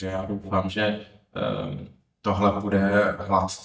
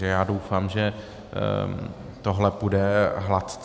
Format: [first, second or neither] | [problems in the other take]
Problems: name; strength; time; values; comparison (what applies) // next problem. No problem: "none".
second | noise reduction (neural mask model DeepFilterNet 3)